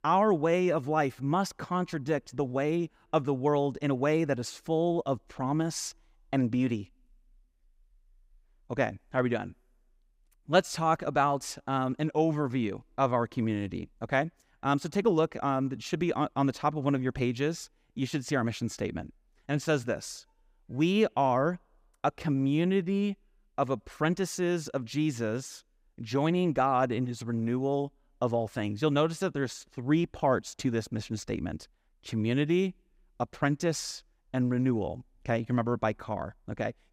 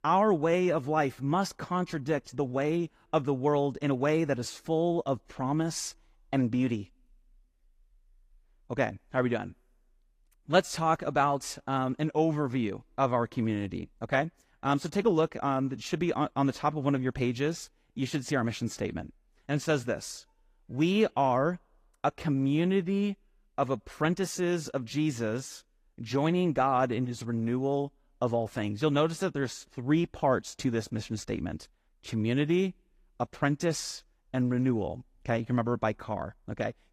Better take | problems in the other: first | garbled, watery; slightly; nothing above 15.5 kHz

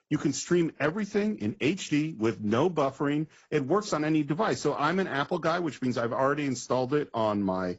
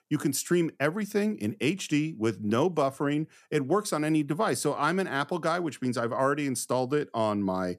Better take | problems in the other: second | garbled, watery; badly; nothing above 7.5 kHz

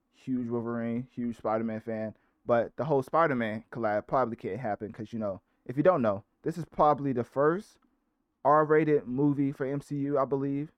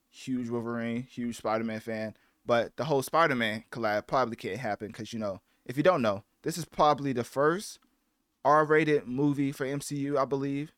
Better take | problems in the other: second | muffled; very; fading above 2 kHz

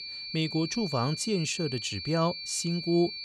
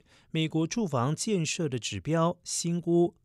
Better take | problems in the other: second | high-pitched whine; loud; throughout; 4.5 kHz, 6 dB below the speech

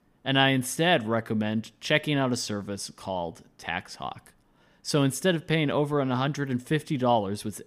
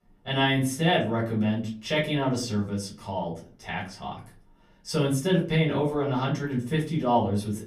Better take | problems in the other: first | off-mic speech; far // room echo; very slight; dies away in 0.3 s

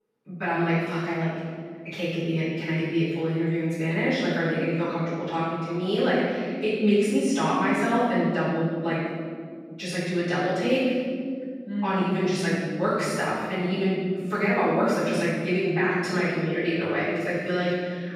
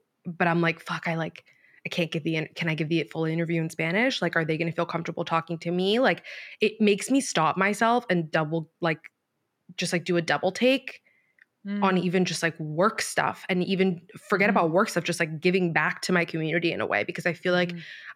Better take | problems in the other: second | room echo; strong; dies away in 2.2 s // off-mic speech; far

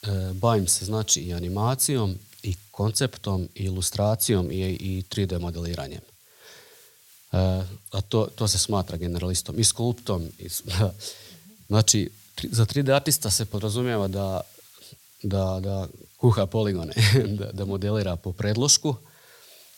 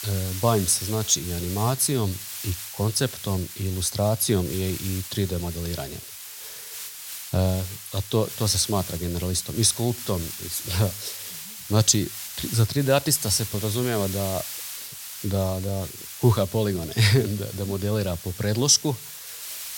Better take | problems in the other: first | hiss; loud; throughout; 10 dB below the speech; faint in the first

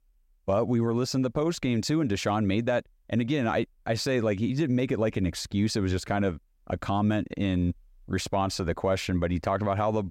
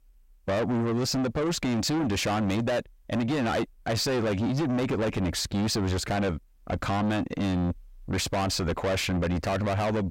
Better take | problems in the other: first | distortion; heavy; 7 dB below the speech

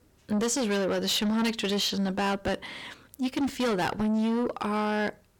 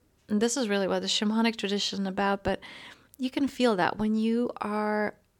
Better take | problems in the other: second | distortion; heavy; 8 dB below the speech

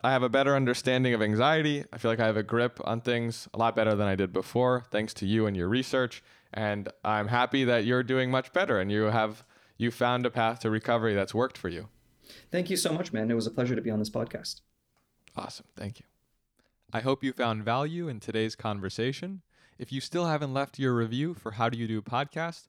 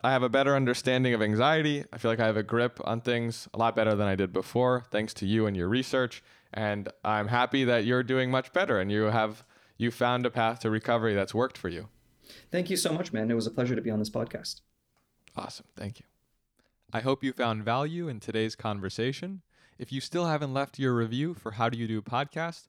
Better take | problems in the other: neither | none

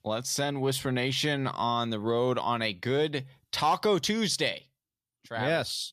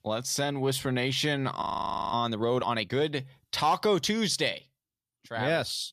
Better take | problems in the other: first | audio freezing; at 1.5 s for 0.5 s

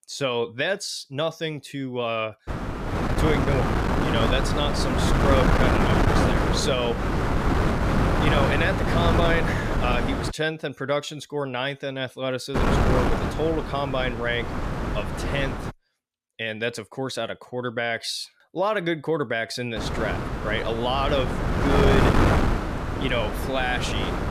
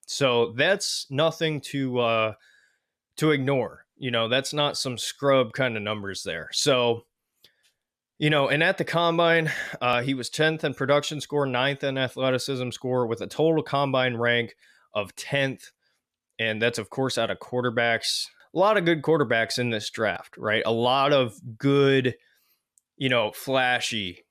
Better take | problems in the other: second | wind noise on the microphone; heavy; from 2.5 to 10 s, from 13 to 16 s and from 20 s on; as loud as the speech

